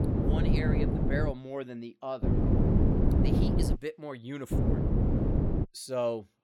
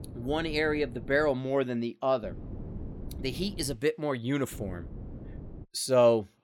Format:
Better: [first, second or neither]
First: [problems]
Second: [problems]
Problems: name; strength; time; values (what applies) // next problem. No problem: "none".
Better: second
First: wind noise on the microphone; heavy; until 1.5 s, from 2 to 4 s and from 4.5 to 5.5 s; 1 dB above the speech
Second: wind noise on the microphone; occasional gusts; until 1.5 s, from 2 to 4 s and from 4.5 to 5.5 s; 25 dB below the speech